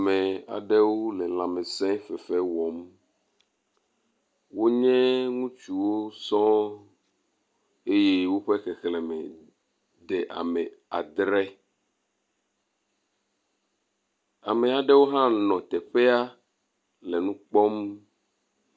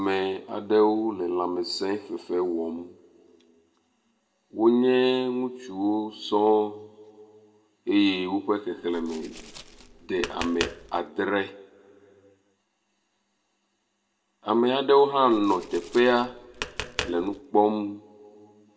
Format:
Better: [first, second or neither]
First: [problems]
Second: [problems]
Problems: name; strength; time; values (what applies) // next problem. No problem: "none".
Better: first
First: none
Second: background sound (Tap); 12 dB below the speech // room echo; dies away in 1.2 s